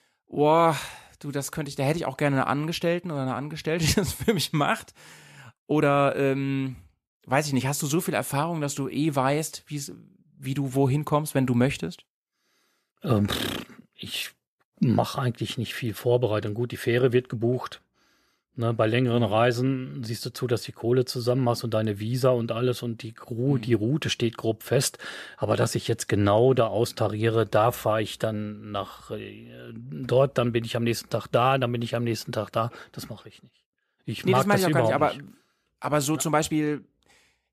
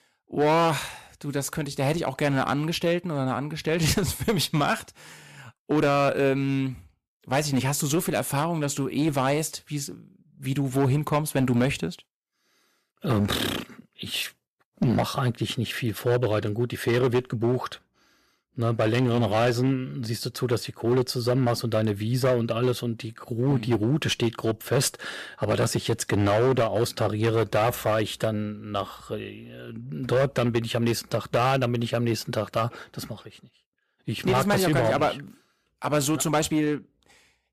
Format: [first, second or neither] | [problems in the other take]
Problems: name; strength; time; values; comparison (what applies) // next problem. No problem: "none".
first | distortion; slight; 7% of the sound clipped